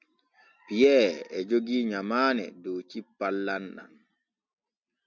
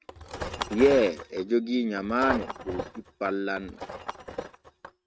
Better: first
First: none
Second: noise reduction (neural mask model RNNoise)

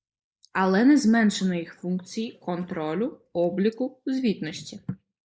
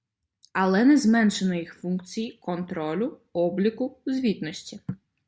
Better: second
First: noise reduction (neural mask model Resemble Enhance denoiser)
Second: none

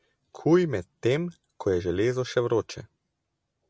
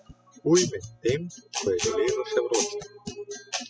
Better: first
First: none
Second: noise reduction (classical method spectral subtraction)

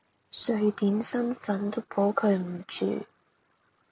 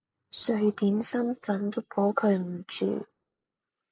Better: first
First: none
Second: noise reduction (neural mask model Resemble Enhance denoiser)

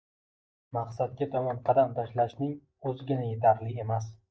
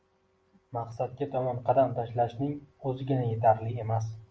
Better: second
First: noise reduction (neural mask model DeepFilterNet 3)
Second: none

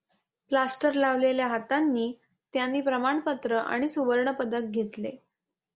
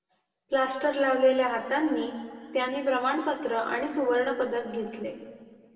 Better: first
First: none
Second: room echo; dies away in 2 s

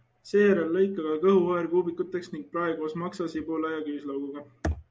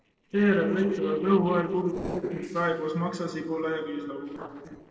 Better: first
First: none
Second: noise reduction (neural separator model SepFormer DNS4)

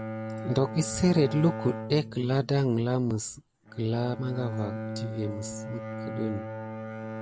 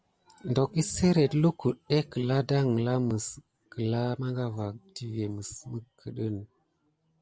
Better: second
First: background sound (Bowed string instrument); 8 dB below the speech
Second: none

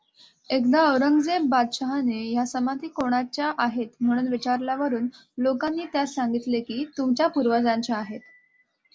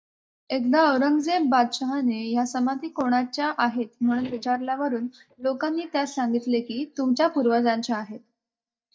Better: first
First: none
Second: noise reduction (neural mask model DeepFilterNet 3)

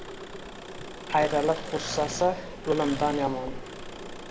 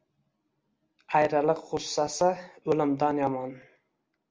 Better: second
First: background sound (Engine + Writing); 8 dB below the speech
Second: none

